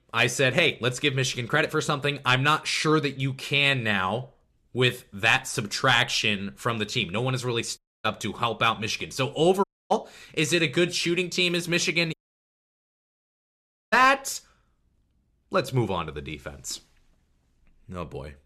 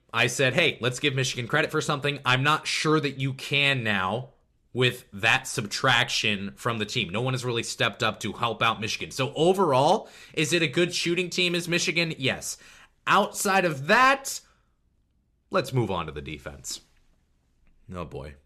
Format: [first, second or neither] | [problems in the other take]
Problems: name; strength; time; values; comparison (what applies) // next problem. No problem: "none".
second | audio cutting out; at 8 s, at 9.5 s and at 12 s for 2 s